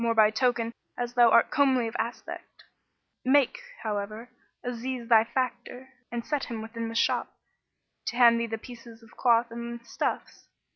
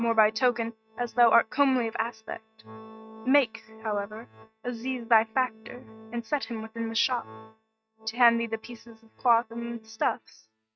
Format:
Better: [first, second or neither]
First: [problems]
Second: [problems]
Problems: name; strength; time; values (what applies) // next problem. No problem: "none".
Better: first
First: none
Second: noise reduction (neural mask model RNNoise)